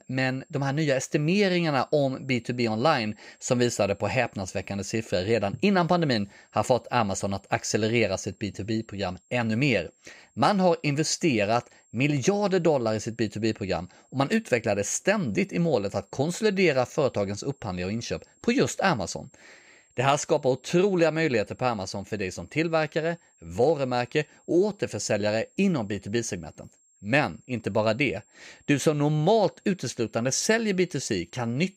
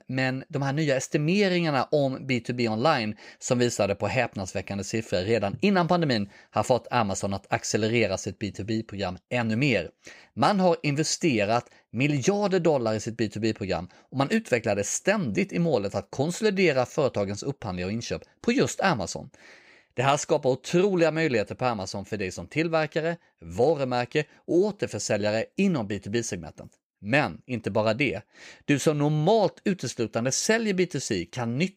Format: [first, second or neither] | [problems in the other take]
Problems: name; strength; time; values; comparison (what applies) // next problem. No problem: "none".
second | high-pitched whine; faint; throughout; 7.5 kHz, 35 dB below the speech